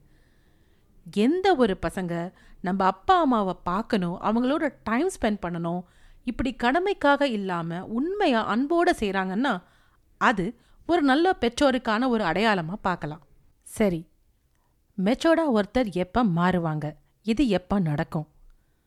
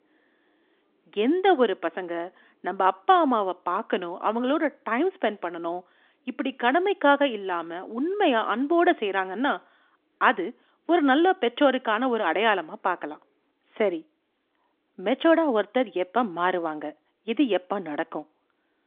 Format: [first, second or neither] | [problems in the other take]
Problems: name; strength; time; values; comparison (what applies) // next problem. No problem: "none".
first | phone-call audio; nothing above 3.5 kHz